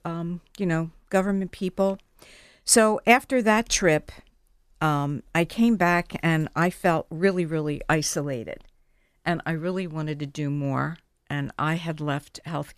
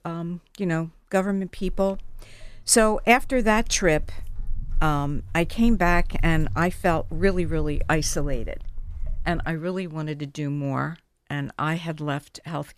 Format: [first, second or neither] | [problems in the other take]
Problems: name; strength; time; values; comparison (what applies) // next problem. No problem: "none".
first | footsteps; noticeable; from 1.5 to 9.5 s; peak 7 dB below the speech